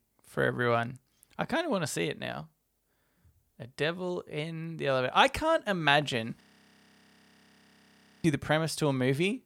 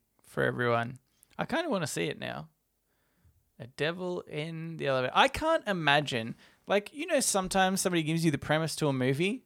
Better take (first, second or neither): second